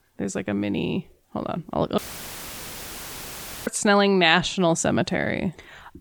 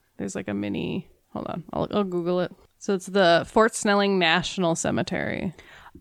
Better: second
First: audio cutting out; filled with static; at 2 s for 1.5 s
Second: none

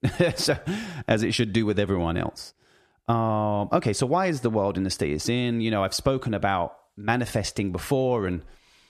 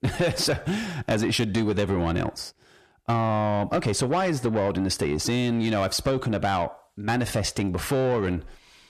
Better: first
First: none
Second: distortion; slight; 10 dB below the speech

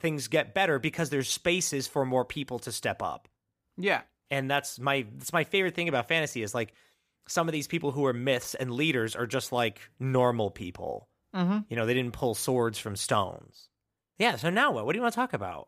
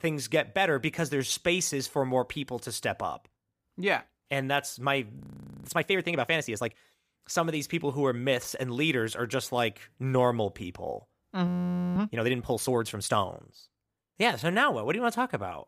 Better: first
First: none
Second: audio freezing; at 5 s and at 11 s

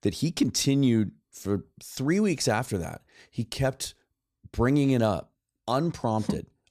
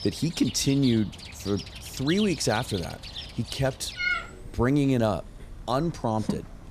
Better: first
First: none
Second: animal sounds; loud; throughout; 8 dB below the speech

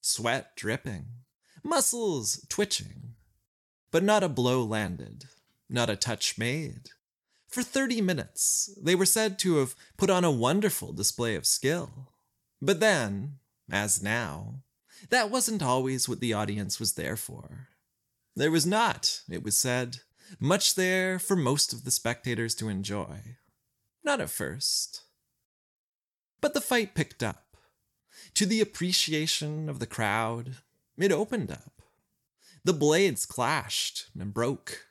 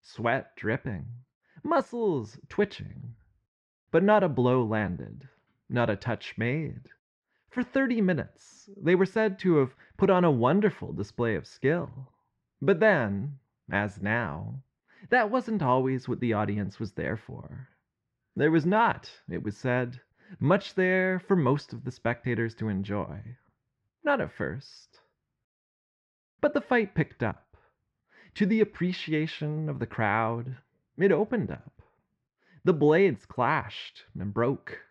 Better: first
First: none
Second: muffled; very; fading above 2 kHz

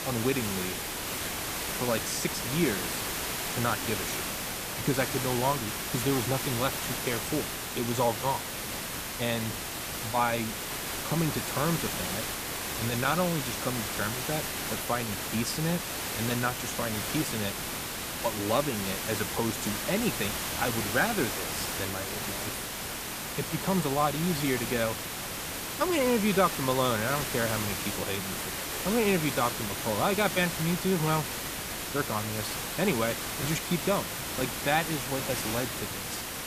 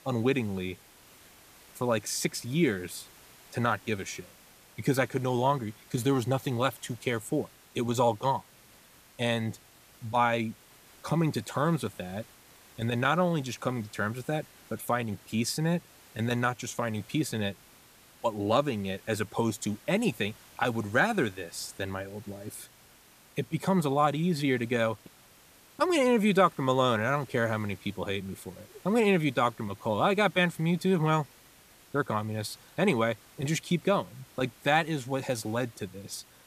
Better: second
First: hiss; loud; throughout; 1 dB below the speech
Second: hiss; faint; throughout; 25 dB below the speech

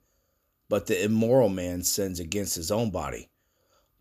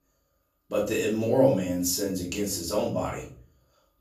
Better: first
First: none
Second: room echo; slight; dies away in 0.4 s // off-mic speech; far

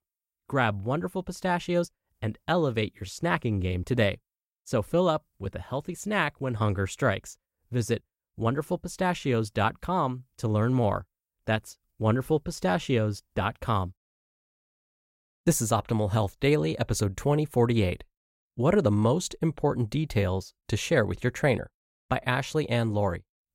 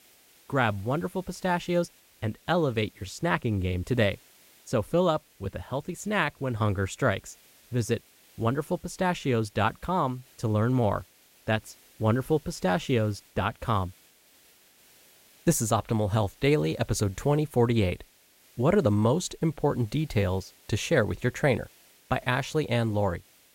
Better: first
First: none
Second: hiss; faint; throughout; 30 dB below the speech

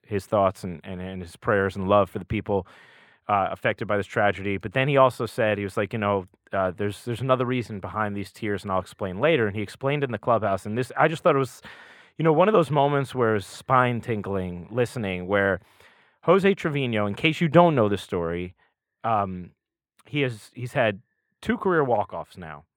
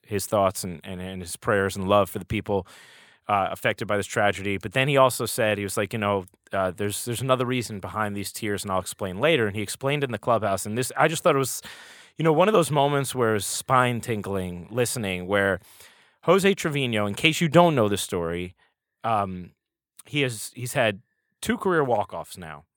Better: second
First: muffled; slightly; fading above 4 kHz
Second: none

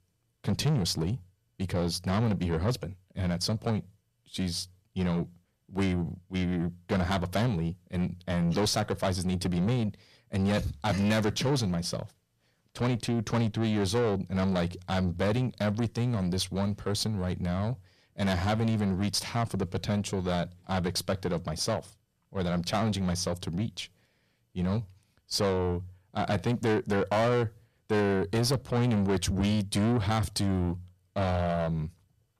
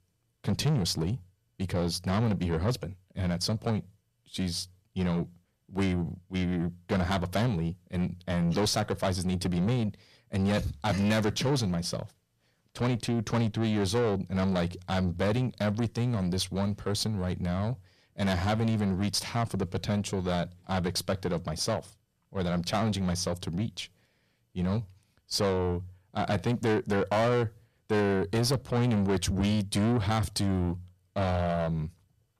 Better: neither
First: distortion; heavy; 7 dB below the speech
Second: distortion; heavy; 7 dB below the speech

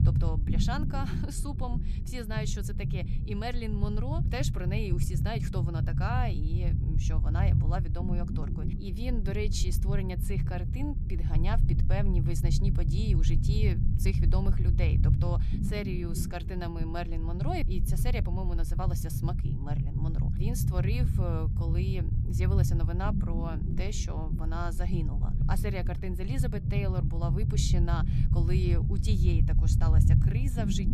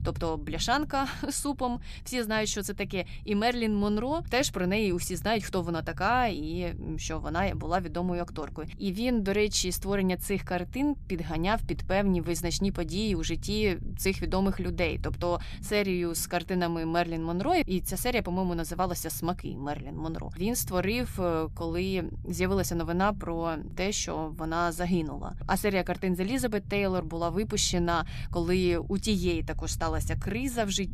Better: second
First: low rumble; loud; throughout; 3 dB below the speech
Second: low rumble; faint; throughout; 25 dB below the speech

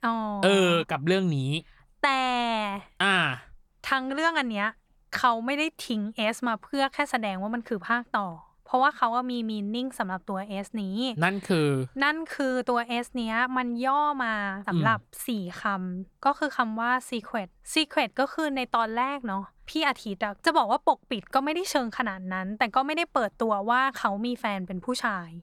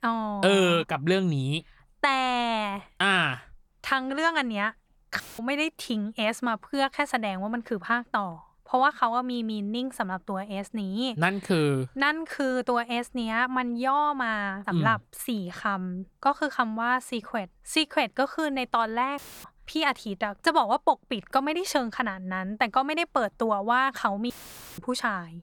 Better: first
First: none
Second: audio cutting out; filled with static; at 5 s, at 19 s and at 24 s

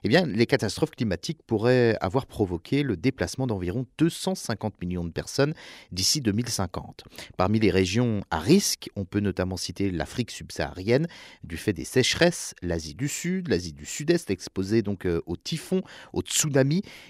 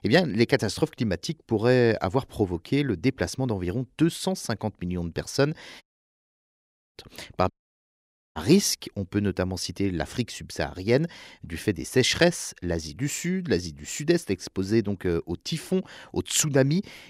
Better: first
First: none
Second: audio cutting out; at 6 s for 1 s and at 7.5 s for 1 s

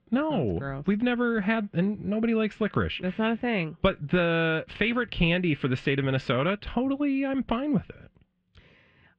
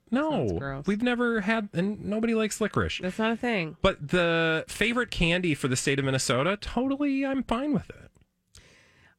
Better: second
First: muffled; very; fading above 3 kHz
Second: none

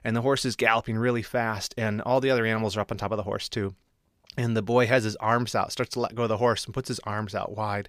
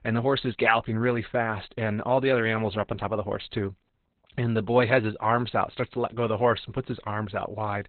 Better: first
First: none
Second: garbled, watery; badly; nothing above 4 kHz

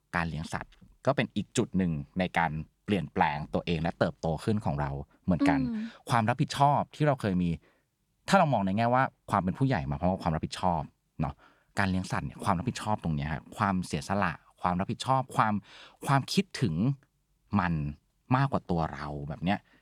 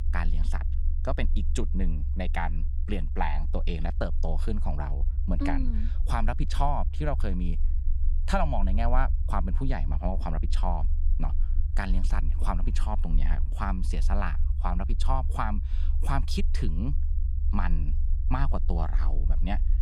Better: first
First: none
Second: low rumble; noticeable; throughout; 15 dB below the speech

